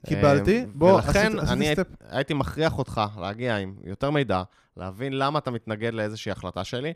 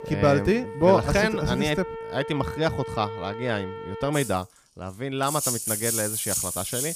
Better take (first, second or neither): first